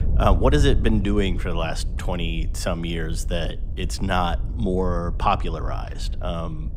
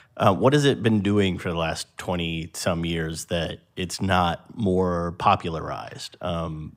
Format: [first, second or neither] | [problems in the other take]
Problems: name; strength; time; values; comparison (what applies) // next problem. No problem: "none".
second | wind noise on the microphone; occasional gusts; 20 dB below the speech